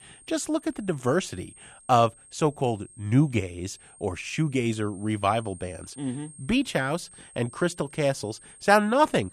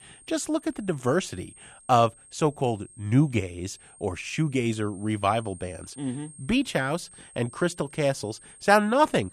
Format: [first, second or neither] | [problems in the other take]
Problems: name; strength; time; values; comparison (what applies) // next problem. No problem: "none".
neither | high-pitched whine; faint; throughout; 8.5 kHz, 20 dB below the speech; the same in both